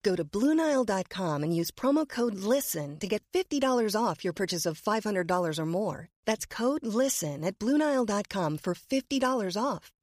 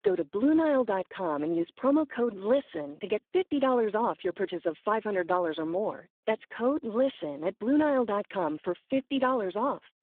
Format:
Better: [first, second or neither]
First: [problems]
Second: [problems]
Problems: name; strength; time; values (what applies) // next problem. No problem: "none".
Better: first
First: none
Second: phone-call audio; poor line